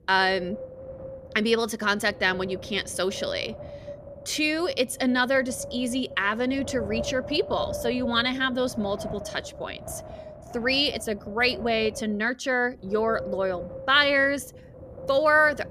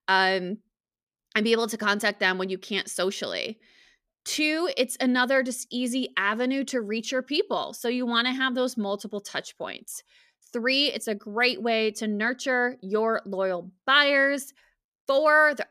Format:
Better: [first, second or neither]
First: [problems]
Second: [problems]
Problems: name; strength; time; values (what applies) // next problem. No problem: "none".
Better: second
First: wind noise on the microphone; occasional gusts; 15 dB below the speech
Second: none